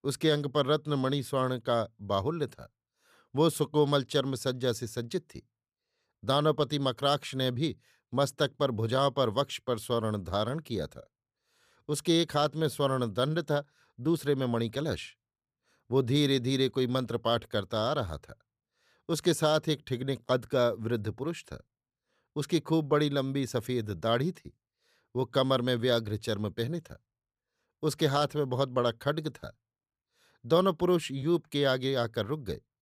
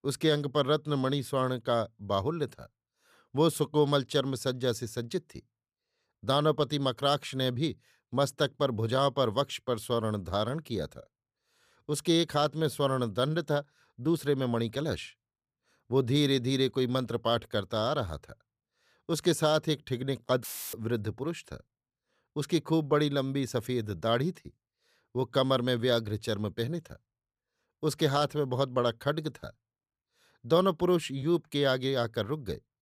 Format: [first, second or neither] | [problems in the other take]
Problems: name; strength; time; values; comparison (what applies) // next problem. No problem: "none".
first | audio cutting out; filled with static; at 20 s